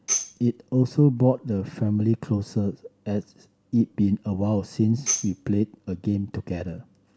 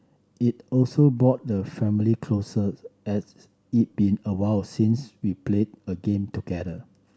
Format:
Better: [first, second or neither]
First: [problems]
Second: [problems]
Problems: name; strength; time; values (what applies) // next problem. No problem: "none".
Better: second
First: background sound (Tambourine); 8 dB below the speech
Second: none